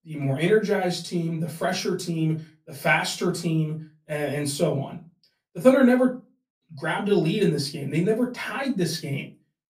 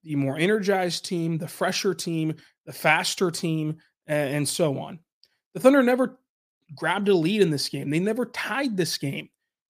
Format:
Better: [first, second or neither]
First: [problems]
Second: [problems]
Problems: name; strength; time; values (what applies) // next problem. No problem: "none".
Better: second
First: off-mic speech; far // room echo; very slight; dies away in 0.3 s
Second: none